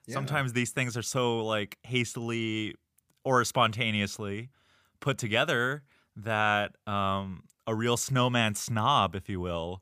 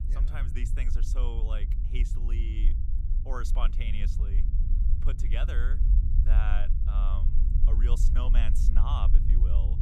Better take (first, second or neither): first